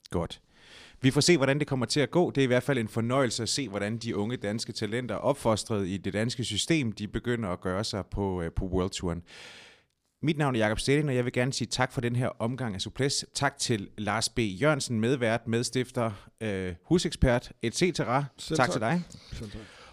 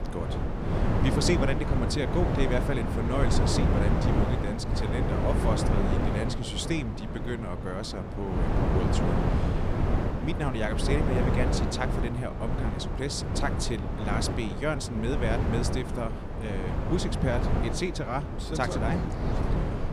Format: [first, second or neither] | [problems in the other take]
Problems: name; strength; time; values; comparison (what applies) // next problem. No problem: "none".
first | wind noise on the microphone; heavy; 1 dB below the speech